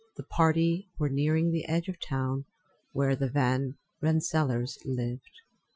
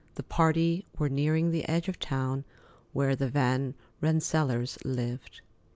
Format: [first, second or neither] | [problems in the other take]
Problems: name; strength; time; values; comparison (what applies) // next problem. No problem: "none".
second | noise reduction (classical method Wiener filter)